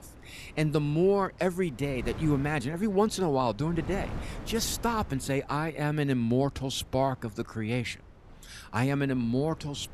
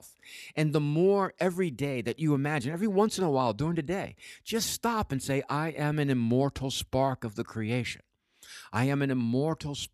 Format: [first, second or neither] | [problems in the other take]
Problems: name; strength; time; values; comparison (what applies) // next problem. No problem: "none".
second | wind noise on the microphone; occasional gusts; 20 dB below the speech